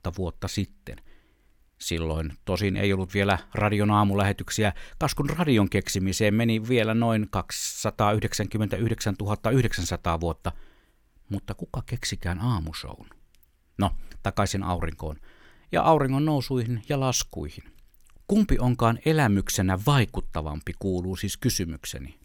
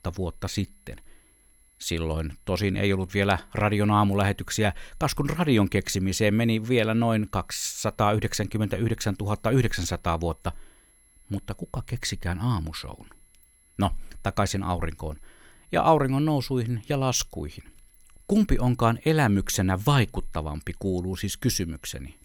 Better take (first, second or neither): first